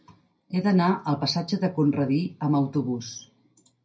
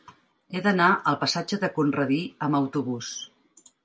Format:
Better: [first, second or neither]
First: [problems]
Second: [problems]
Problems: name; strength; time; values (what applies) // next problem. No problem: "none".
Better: second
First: room echo; dies away in 0.4 s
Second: none